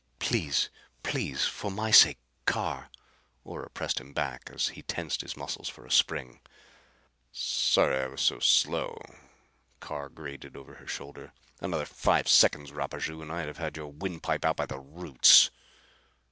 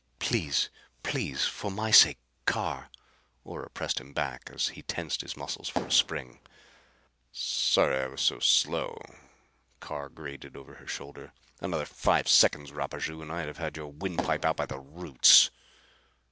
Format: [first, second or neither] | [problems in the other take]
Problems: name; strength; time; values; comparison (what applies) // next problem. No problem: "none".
first | background sound (Fireworks); 7 dB below the speech